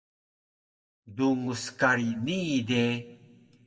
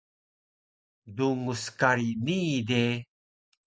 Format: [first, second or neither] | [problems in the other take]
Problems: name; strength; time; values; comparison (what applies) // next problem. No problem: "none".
second | room echo; dies away in 1.7 s